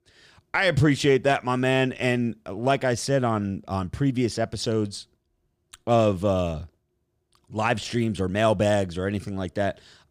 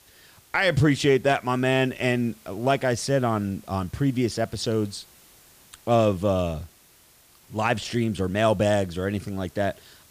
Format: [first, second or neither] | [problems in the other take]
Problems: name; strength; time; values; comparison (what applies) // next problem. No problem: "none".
first | hiss; faint; throughout; 30 dB below the speech